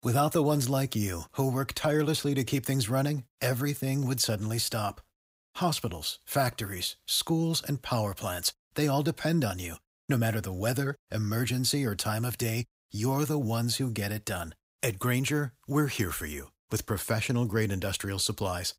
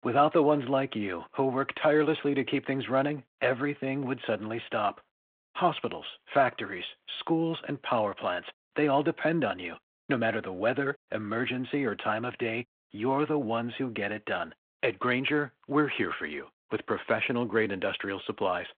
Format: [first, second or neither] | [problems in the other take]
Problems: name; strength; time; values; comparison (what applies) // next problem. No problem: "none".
first | phone-call audio